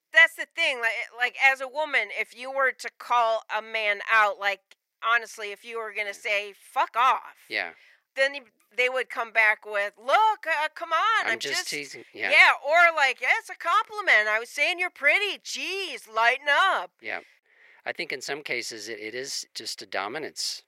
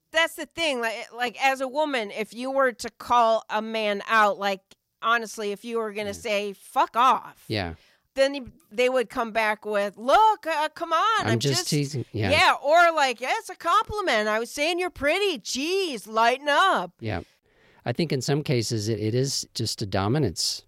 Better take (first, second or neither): second